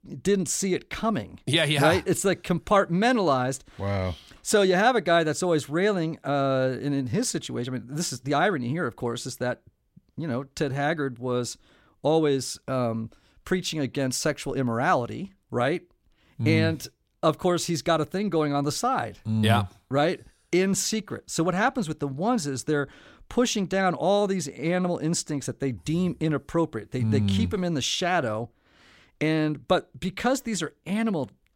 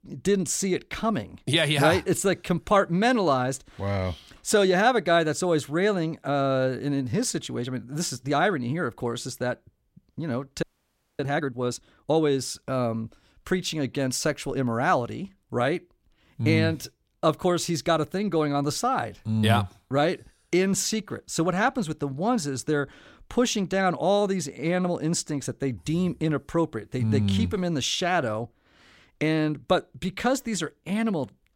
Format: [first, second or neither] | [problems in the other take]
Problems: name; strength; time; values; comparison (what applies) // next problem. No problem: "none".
first | audio freezing; at 11 s for 0.5 s